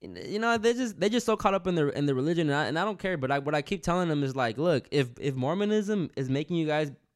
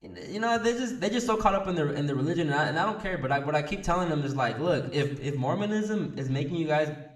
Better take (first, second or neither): first